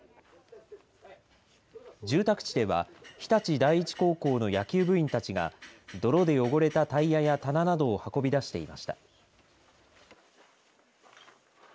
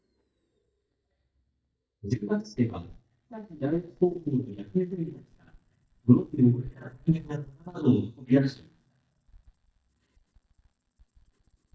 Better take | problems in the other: first | noise reduction (neural mask model DeepFilterNet 3)

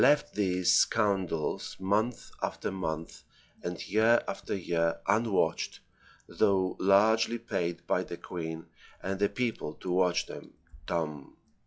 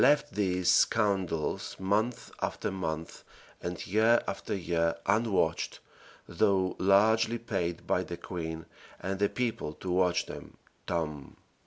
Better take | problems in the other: second | noise reduction (classical method log-MMSE)

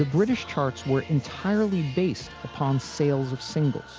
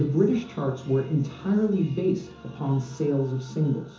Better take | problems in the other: first | room echo; dies away in 0.6 s

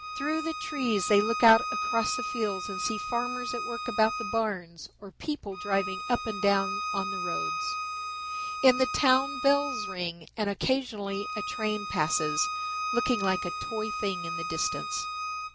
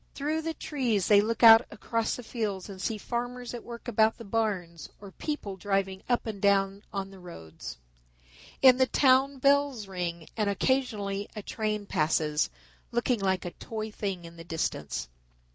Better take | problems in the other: second | background sound (Bowed string instrument); 5 dB below the speech

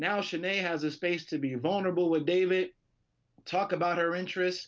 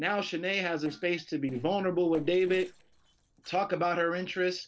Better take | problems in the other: first | noise reduction (neural separator model SepFormer DNS4)

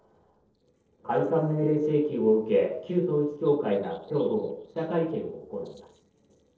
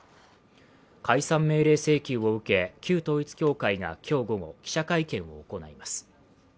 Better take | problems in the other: second | noise reduction (neural separator model SepFormer DNS4)

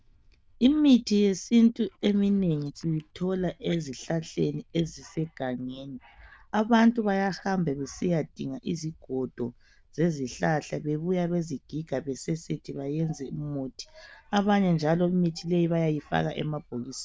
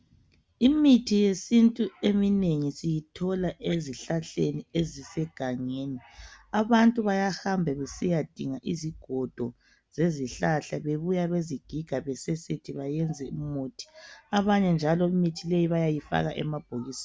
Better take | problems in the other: second | noise reduction (neural diffusion model UNIVERSE++)

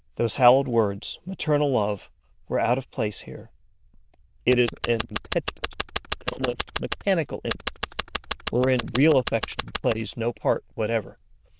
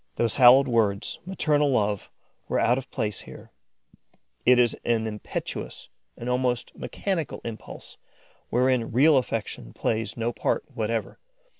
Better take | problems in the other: second | noise reduction (neural diffusion model UNIVERSE++)

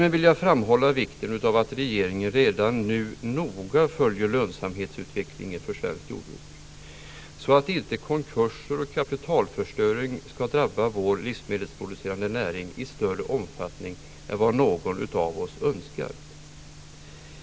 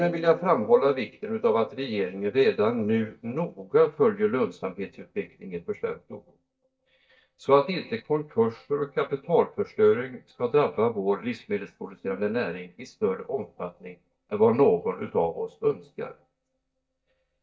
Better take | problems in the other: first | noise reduction (neural mask model DeepFilterNet 3)

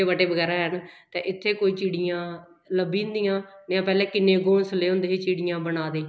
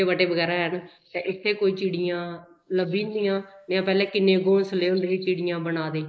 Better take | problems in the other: first | noise reduction (neural mask model Resemble Enhance denoiser)

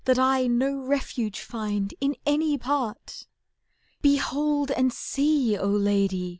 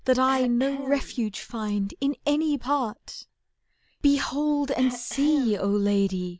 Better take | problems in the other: first | background sound (Cough); 14 dB below the speech

